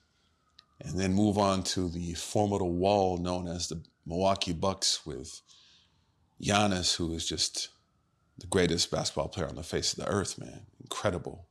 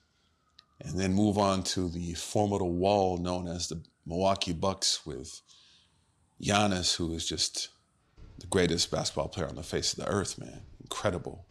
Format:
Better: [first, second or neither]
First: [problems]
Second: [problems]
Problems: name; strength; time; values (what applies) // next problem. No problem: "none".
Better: first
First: none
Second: animal sounds; faint; from 4 s on; 30 dB below the speech